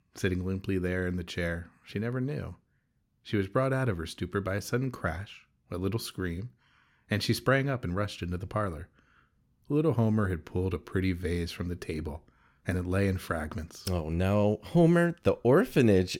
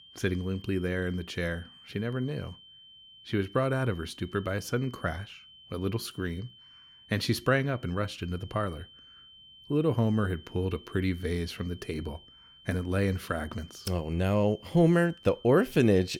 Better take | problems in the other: first | high-pitched whine; faint; throughout; 3 kHz, 20 dB below the speech

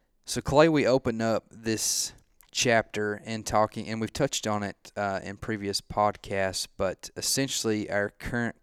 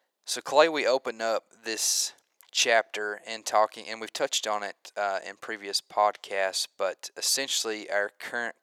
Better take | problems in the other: first | thin; very; fading below 650 Hz

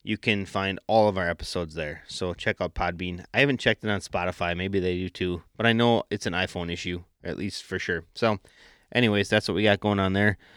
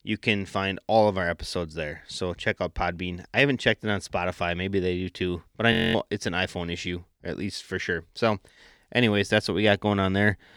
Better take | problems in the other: first | audio freezing; at 5.5 s

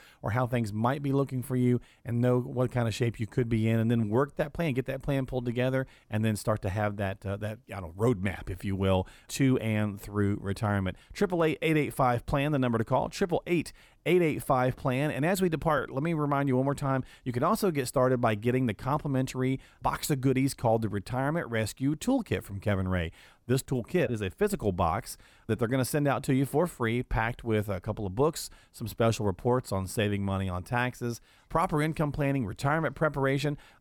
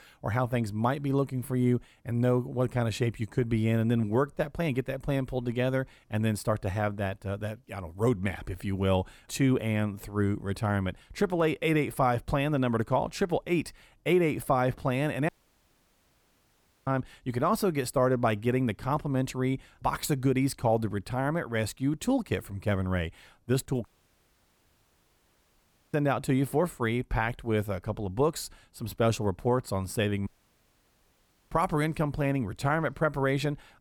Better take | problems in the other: first | audio cutting out; at 15 s for 1.5 s, at 24 s for 2 s and at 30 s for 1 s

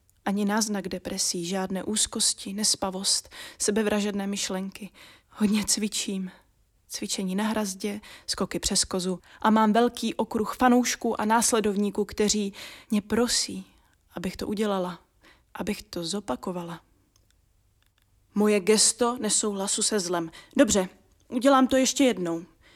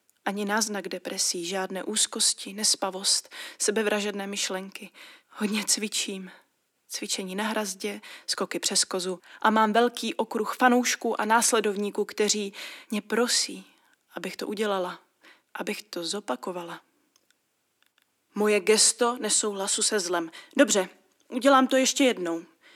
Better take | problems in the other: first | thin; very slightly; fading below 250 Hz

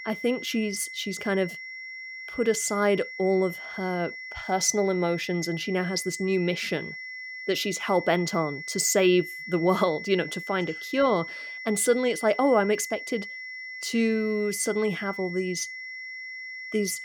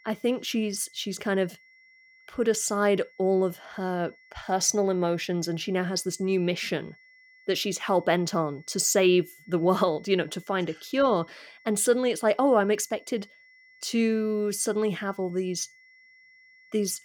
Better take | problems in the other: second | high-pitched whine; loud; throughout; 2 kHz, 10 dB below the speech; faint in the second

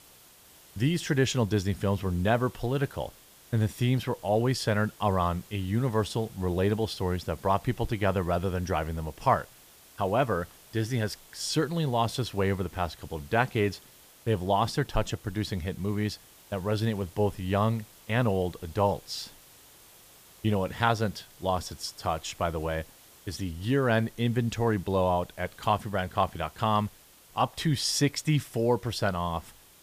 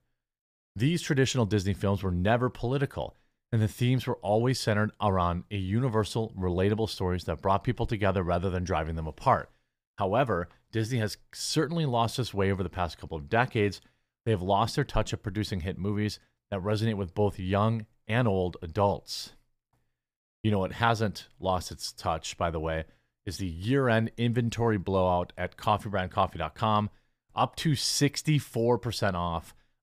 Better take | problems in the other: second | hiss; faint; throughout; 25 dB below the speech

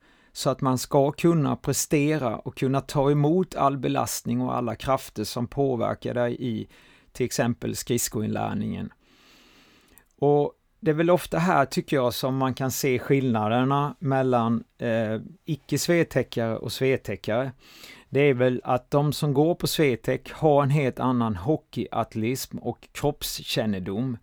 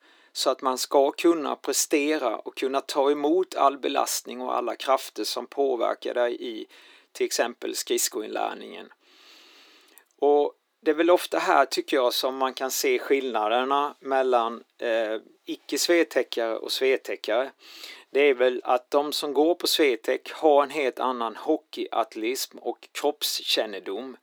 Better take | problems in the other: first | thin; somewhat; fading below 300 Hz

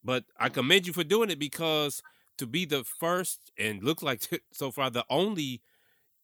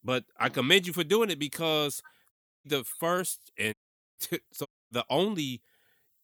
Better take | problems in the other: first | audio cutting out; at 2.5 s, at 3.5 s and at 4.5 s

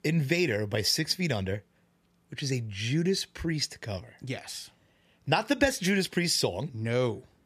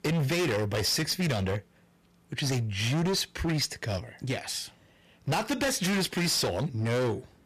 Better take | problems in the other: first | distortion; heavy; 22% of the sound clipped

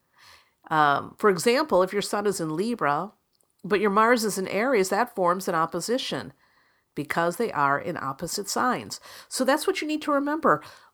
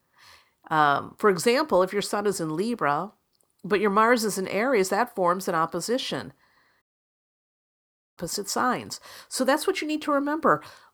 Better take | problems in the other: first | audio cutting out; at 7 s for 1.5 s

